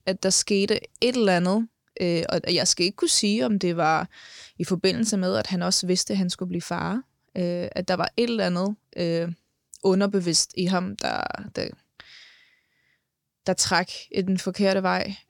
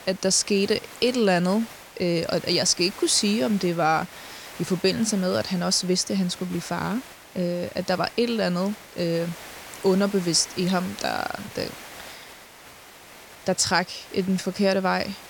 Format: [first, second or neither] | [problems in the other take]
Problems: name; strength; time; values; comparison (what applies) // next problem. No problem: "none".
first | hiss; noticeable; throughout; 15 dB below the speech